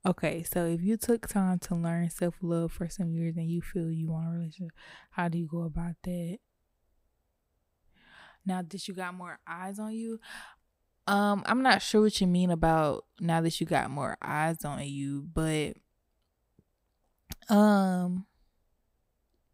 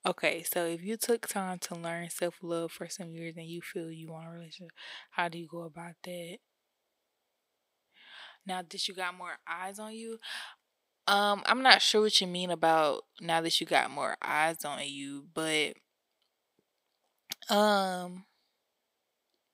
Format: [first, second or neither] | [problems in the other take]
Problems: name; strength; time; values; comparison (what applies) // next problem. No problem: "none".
first | thin; somewhat; fading below 400 Hz